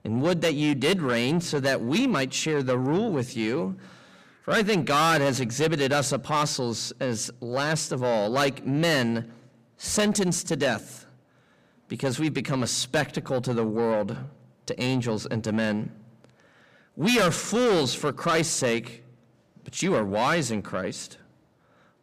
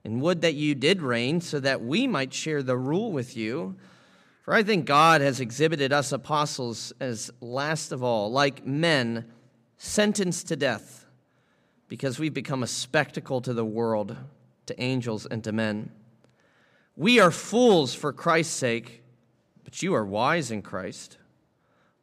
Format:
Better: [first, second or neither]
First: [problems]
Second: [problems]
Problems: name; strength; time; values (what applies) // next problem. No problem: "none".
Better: second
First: distortion; heavy; 7 dB below the speech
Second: none